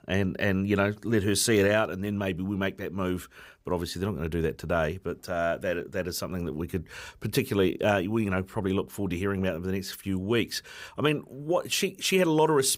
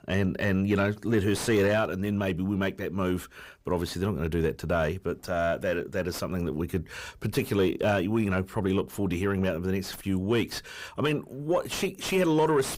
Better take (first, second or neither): first